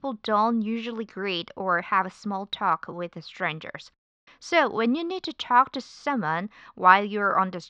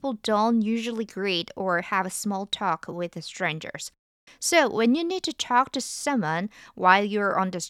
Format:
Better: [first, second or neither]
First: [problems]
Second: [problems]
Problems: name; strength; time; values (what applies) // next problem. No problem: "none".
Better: second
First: muffled; slightly; fading above 4.5 kHz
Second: none